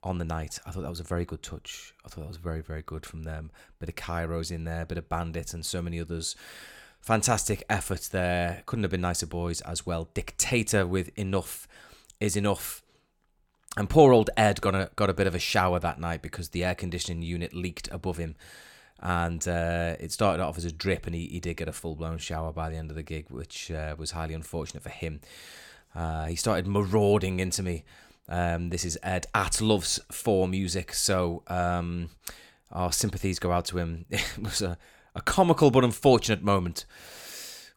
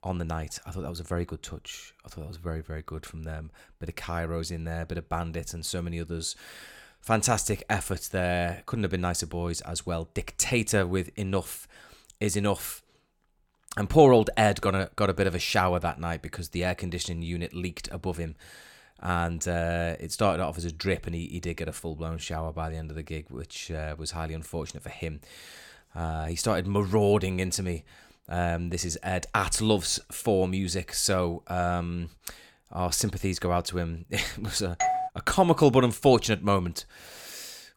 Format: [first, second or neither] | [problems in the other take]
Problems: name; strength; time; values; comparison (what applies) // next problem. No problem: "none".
first | doorbell; loud; at 35 s; peak 1 dB above the speech